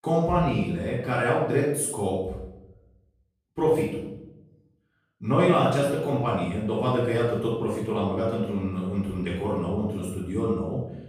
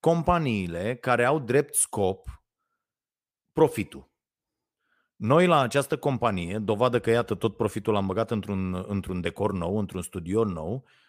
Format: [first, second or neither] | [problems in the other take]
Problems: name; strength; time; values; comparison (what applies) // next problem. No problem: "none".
second | off-mic speech; far // room echo; noticeable; dies away in 0.8 s